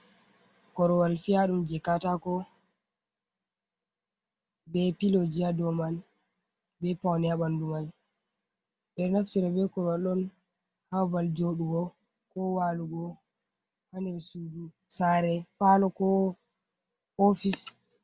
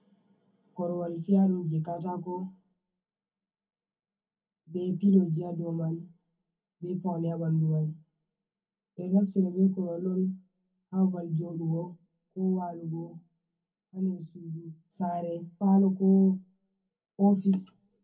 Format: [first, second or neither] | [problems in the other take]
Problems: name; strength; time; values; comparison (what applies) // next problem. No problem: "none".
first | room echo; dies away in 0.3 s